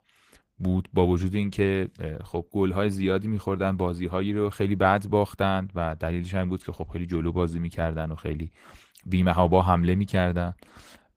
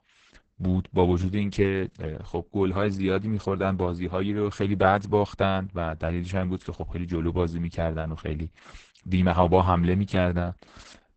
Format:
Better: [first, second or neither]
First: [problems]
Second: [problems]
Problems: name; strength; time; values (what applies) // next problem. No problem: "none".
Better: first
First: garbled, watery; slightly; nothing above 15.5 kHz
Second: garbled, watery; badly; nothing above 8 kHz